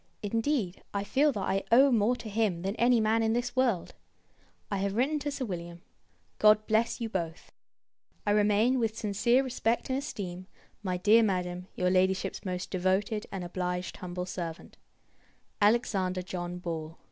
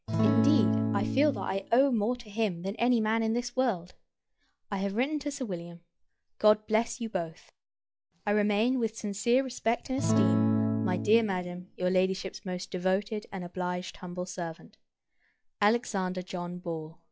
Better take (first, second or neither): first